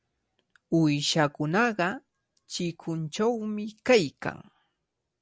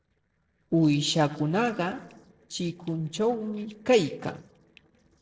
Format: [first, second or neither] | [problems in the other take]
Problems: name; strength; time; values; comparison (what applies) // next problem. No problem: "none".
first | noise reduction (neural separator model SepFormer DNS4)